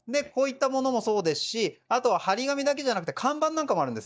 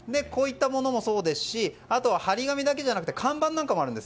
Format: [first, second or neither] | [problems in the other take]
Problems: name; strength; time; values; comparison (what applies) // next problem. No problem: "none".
second | noise reduction (neural mask model DeepFilterNet 3)